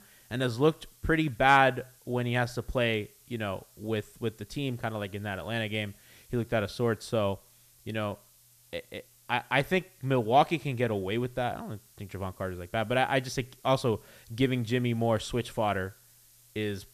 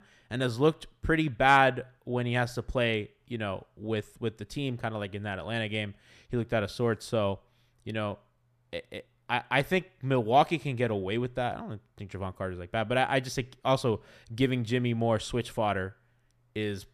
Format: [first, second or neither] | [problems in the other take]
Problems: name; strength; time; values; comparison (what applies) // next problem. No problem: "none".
second | hiss; faint; throughout; 25 dB below the speech